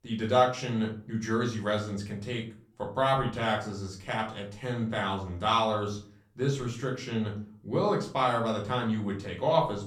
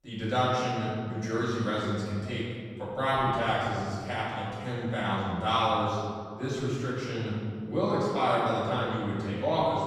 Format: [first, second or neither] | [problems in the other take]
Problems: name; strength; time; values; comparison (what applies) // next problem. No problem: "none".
first | room echo; strong; dies away in 2 s; slight in the first // off-mic speech; far; far in the first